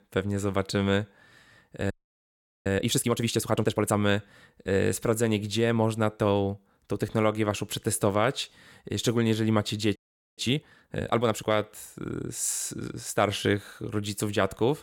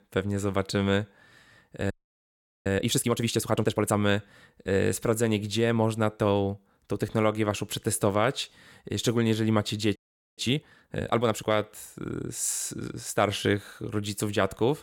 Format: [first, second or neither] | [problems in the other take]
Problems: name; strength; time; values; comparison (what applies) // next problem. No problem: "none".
neither | audio freezing; at 2 s for 1 s and at 10 s; the same in both